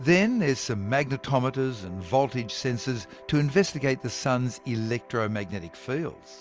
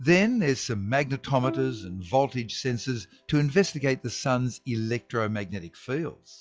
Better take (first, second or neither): first